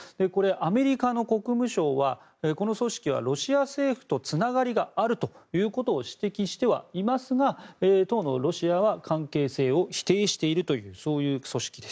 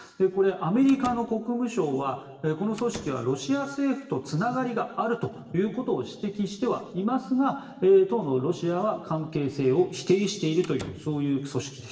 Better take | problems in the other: first | background sound (Slam); 19 dB below the speech // room echo; dies away in 1.2 s

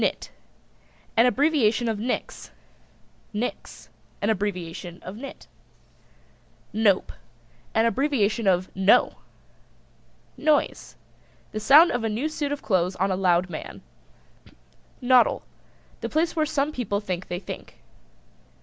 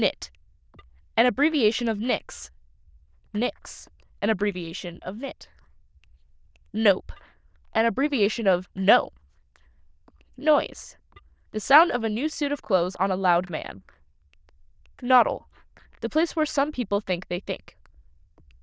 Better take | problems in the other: first | noise reduction (neural diffusion model UNIVERSE++)

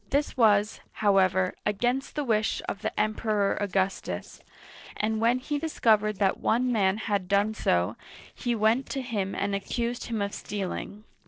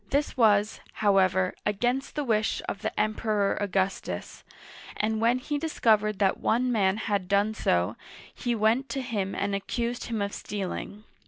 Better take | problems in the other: second | noise reduction (neural separator model SepFormer DNS4)

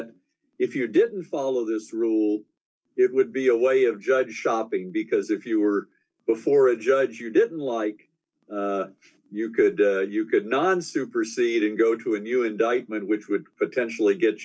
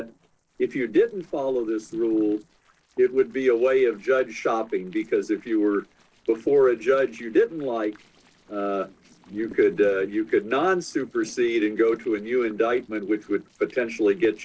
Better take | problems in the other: first | noise reduction (neural separator model SepFormer DNS4)

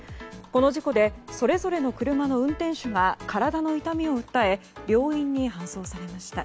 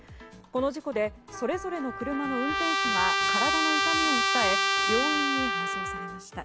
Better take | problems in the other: first | background sound (Trumpet); 4 dB above the speech

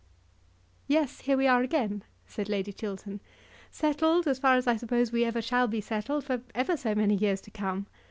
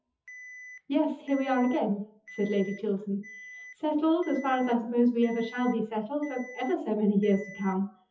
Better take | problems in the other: first | noise reduction (classical method WPE with log-MMSE)

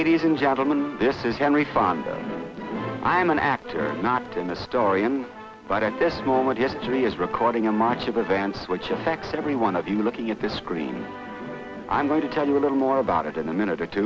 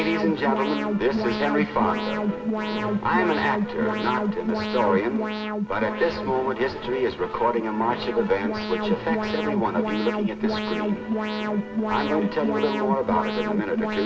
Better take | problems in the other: first | background sound (Alarm); 1 dB below the speech // room echo; dies away in 0.9 s

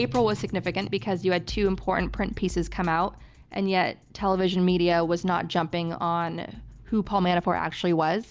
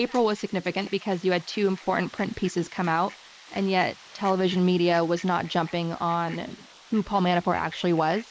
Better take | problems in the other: first | noise reduction (neural mask model Resemble Enhance denoiser)

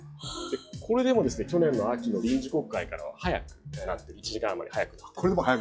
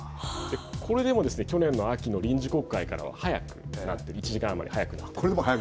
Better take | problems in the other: second | noise reduction (classical method log-MMSE)

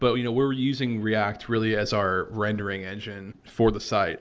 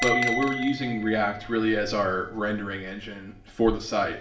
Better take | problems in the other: first | background sound (Bell); 7 dB below the speech // room echo; dies away in 0.7 s

